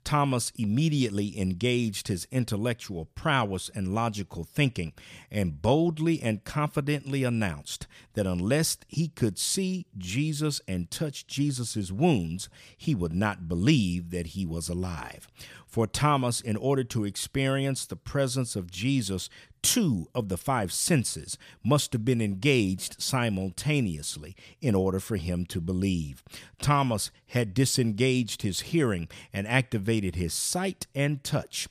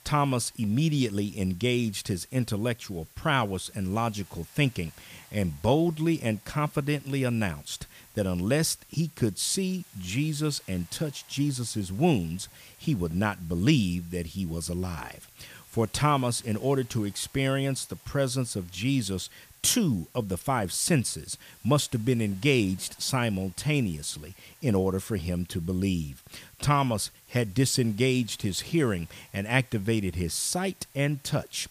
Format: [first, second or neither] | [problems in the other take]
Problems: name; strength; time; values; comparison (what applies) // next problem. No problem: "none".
first | hiss; faint; throughout; 25 dB below the speech